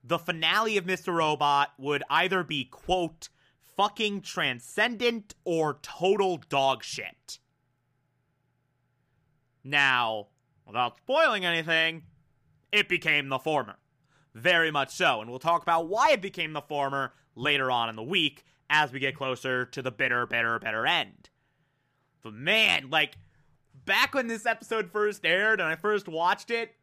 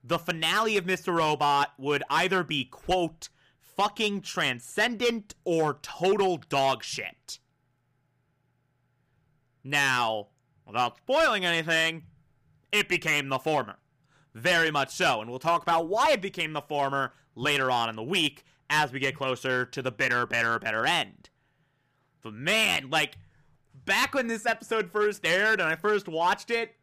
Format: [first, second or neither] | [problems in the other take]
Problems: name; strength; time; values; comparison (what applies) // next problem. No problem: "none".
first | distortion; slight; 4% of the sound clipped